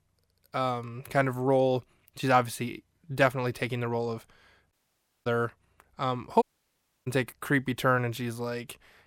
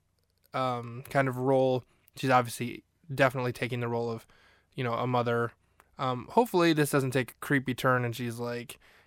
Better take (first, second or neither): second